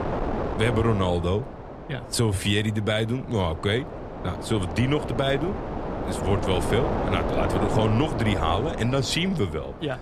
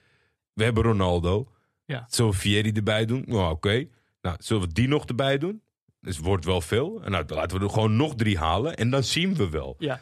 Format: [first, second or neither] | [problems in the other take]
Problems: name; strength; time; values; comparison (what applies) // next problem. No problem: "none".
second | wind noise on the microphone; heavy; 4 dB below the speech